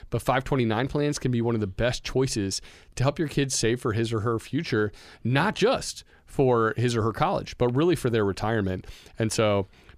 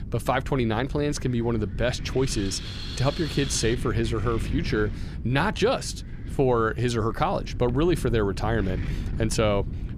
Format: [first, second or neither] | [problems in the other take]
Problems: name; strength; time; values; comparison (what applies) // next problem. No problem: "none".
first | wind noise on the microphone; occasional gusts; 15 dB below the speech